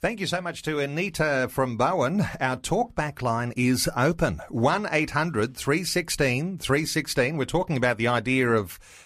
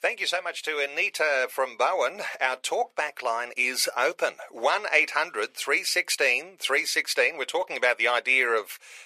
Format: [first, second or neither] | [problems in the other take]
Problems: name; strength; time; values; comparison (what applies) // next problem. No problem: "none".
first | thin; very; fading below 500 Hz